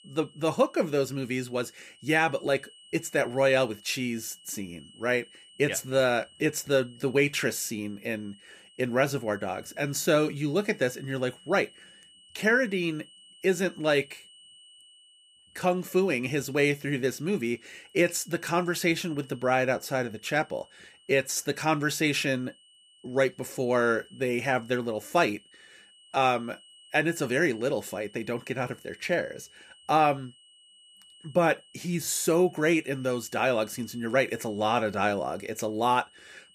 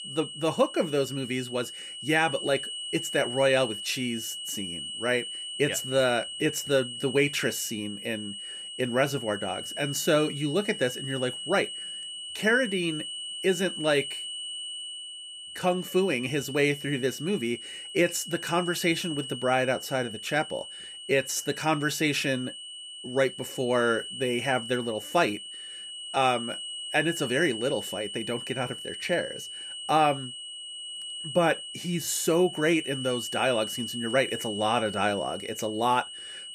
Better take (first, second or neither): first